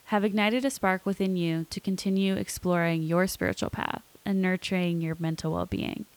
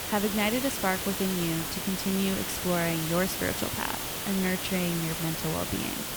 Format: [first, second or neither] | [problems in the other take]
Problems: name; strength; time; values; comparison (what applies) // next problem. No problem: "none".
first | hiss; loud; throughout; 1 dB below the speech; faint in the first